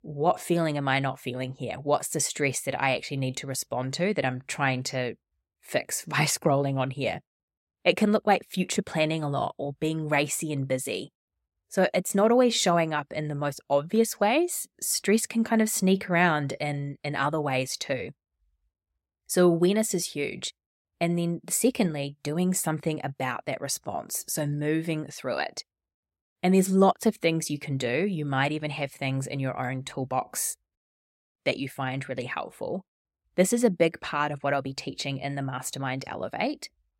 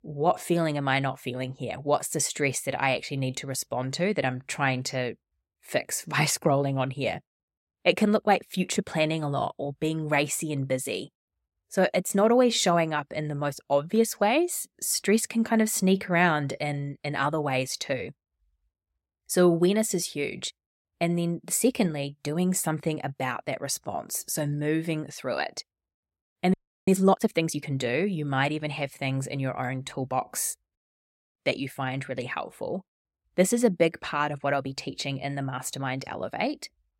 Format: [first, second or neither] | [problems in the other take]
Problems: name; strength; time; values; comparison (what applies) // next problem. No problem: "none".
first | audio freezing; at 27 s